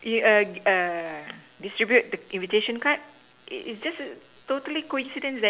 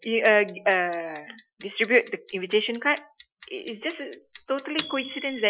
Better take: first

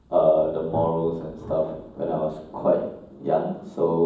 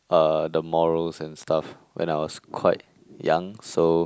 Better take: second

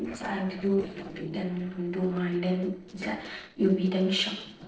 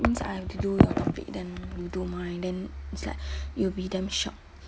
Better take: second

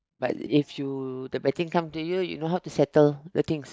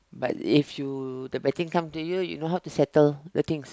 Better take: second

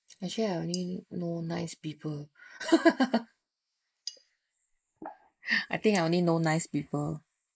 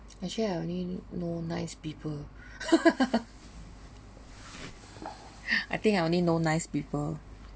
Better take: second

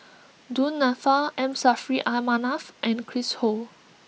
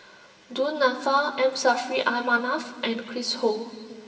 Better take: first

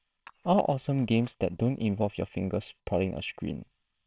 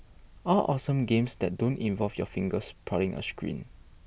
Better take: second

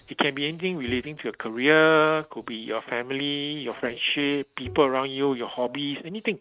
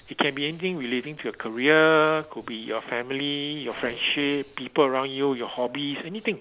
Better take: second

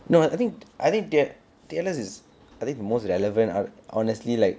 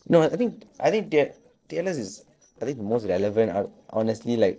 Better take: first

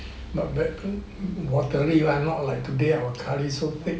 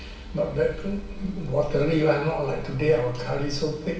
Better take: first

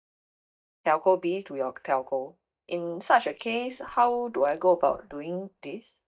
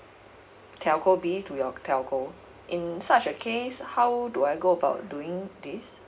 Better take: second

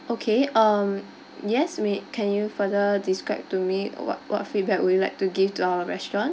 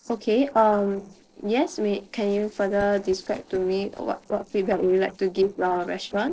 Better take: first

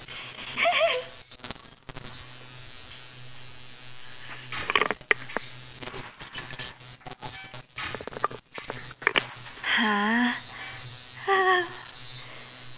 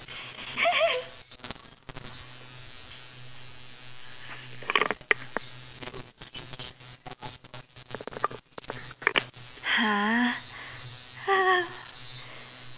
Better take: second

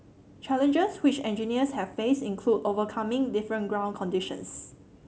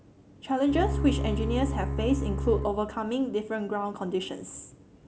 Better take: first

